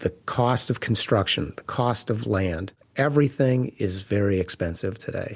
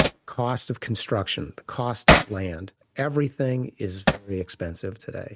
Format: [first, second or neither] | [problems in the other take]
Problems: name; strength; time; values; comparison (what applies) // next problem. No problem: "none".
first | noise reduction (neural mask model RNNoise)